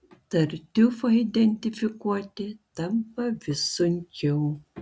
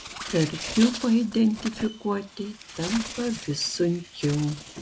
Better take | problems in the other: first | background sound (Bird); 12 dB below the speech

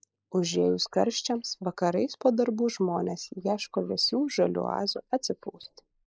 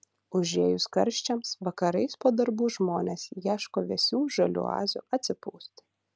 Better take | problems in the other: second | noise reduction (neural mask model Resemble Enhance denoiser)

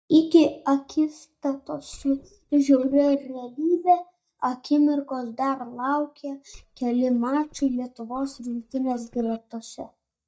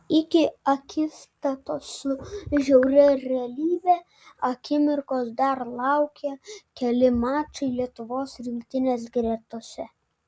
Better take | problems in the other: second | noise reduction (neural mask model DeepFilterNet 3)

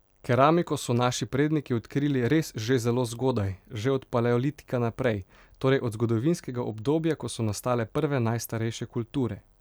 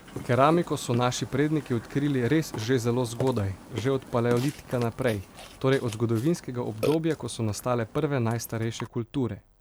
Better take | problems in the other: first | background sound (Burping, eructation); 14 dB below the speech

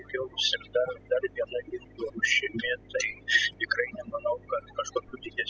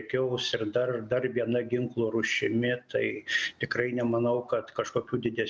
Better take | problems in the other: second | noise reduction (classical method spectral subtraction)

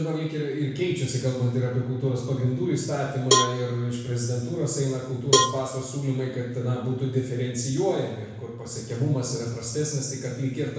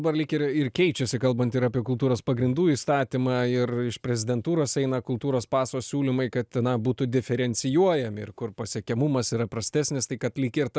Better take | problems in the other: second | background sound (Cowbell); 1 dB below the speech // room echo; dies away in 1 s

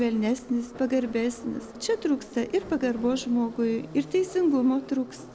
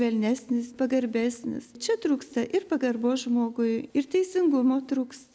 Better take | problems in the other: second | background sound (Subway, metro, underground); 17 dB below the speech

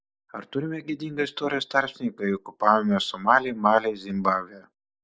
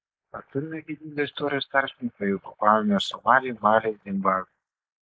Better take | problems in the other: first | noise reduction (neural mask model Resemble Enhance denoiser)

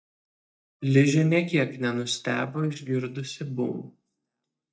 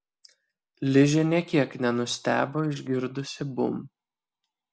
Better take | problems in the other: second | noise reduction (neural mask model DeepFilterNet 3)

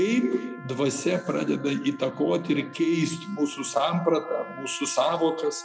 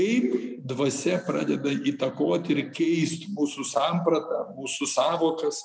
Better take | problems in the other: second | background sound (Trumpet); 19 dB below the speech

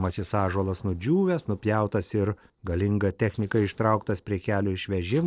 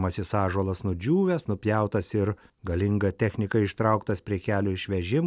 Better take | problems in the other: second | noise reduction (neural separator model SepFormer DNS4)

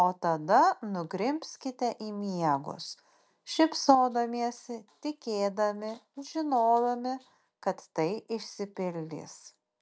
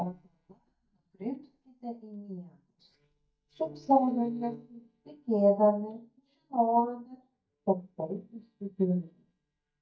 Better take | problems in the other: first | noise reduction (neural mask model DeepFilterNet 3)

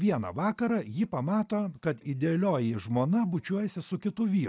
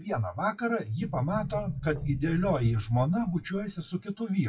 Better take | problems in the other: first | noise reduction (classical method WPE with log-MMSE)

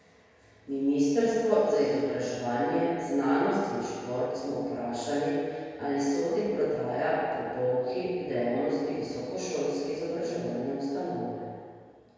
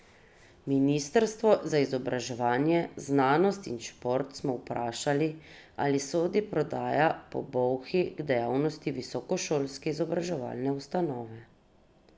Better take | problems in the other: second | room echo; dies away in 1.8 s

